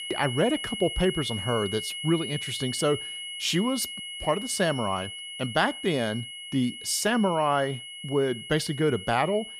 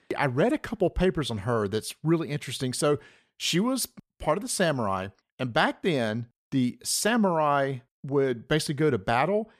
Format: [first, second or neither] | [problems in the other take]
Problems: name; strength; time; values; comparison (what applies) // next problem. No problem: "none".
second | high-pitched whine; loud; throughout; 3 kHz, 8 dB below the speech